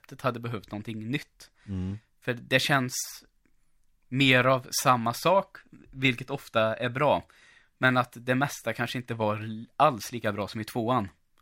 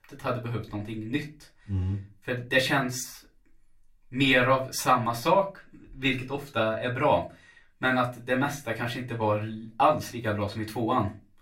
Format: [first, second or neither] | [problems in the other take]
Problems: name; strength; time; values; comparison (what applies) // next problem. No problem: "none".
first | off-mic speech; somewhat distant // room echo; very slight; dies away in 0.2 s